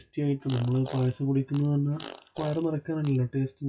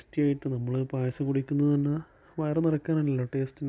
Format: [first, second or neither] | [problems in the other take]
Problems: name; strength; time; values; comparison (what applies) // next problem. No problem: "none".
second | noise reduction (classical method WPE with log-MMSE)